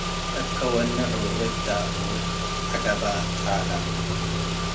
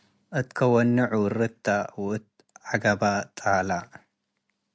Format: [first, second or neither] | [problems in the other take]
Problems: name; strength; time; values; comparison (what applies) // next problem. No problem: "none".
second | background sound (Engine / Car); 4 dB above the speech // room echo; dies away in 0.2 s